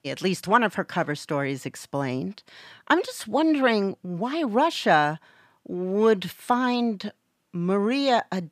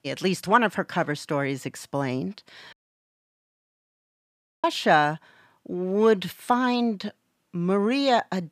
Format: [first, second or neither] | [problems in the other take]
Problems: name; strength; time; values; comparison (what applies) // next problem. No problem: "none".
first | audio cutting out; at 2.5 s for 2 s